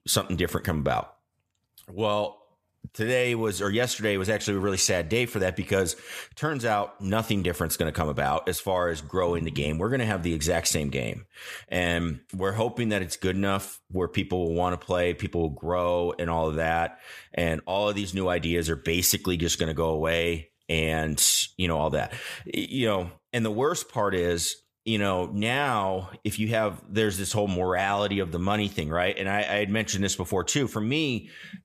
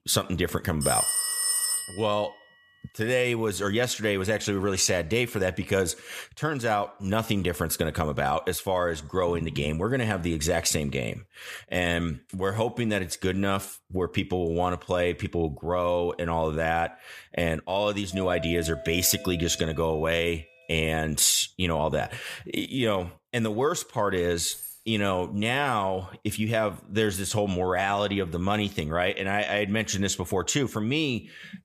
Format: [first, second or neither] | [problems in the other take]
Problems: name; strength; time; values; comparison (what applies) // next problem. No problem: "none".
first | phone ringing; loud; from 1 to 2 s; peak 4 dB above the speech // doorbell; noticeable; from 18 to 20 s; peak 9 dB below the speech // jangling keys; faint; at 25 s; peak 10 dB below the speech